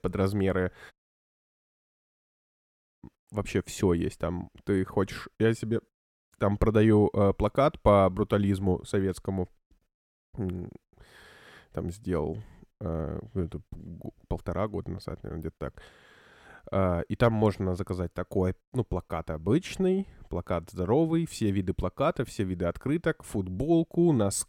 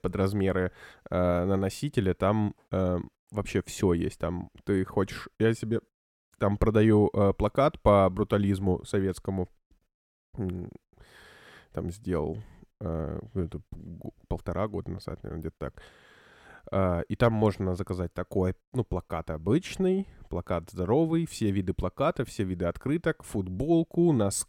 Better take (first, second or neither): second